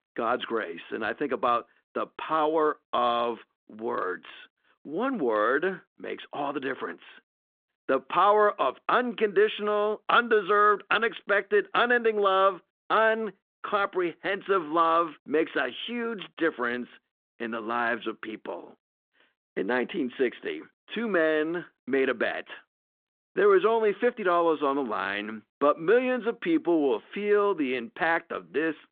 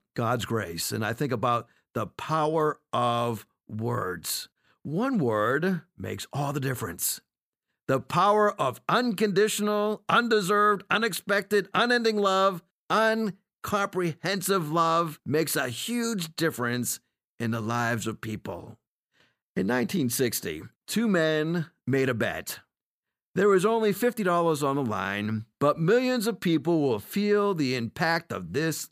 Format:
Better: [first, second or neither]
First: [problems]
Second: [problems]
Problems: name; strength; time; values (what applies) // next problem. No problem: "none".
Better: second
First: phone-call audio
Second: none